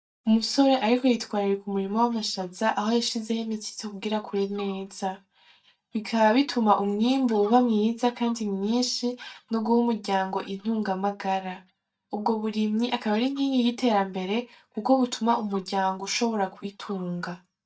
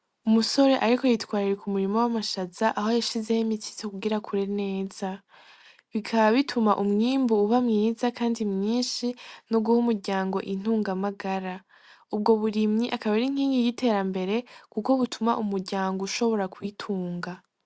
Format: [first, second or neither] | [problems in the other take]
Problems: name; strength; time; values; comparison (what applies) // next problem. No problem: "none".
second | noise reduction (neural mask model DeepFilterNet 3)